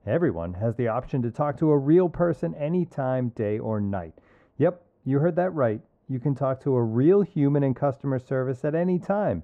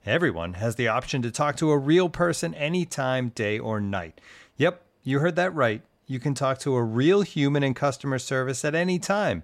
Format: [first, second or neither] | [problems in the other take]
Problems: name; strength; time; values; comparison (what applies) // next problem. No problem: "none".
second | muffled; very; fading above 2 kHz